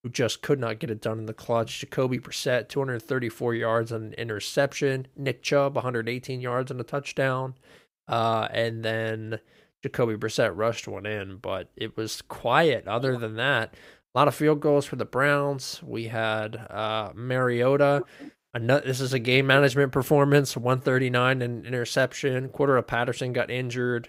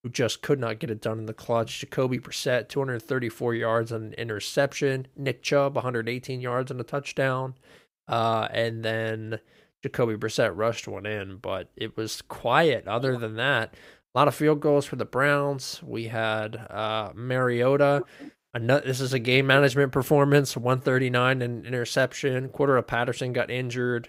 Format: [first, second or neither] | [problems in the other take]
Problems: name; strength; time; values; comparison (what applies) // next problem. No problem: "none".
neither | none